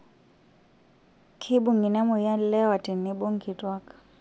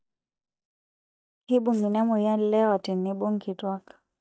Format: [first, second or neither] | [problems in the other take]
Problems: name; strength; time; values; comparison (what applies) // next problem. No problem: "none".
first | noise reduction (neural mask model DeepFilterNet 3)